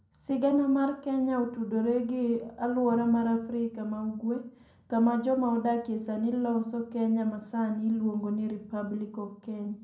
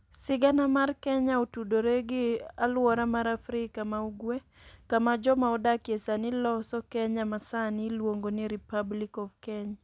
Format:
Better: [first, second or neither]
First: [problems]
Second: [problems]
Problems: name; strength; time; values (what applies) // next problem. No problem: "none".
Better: second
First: room echo; dies away in 0.6 s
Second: none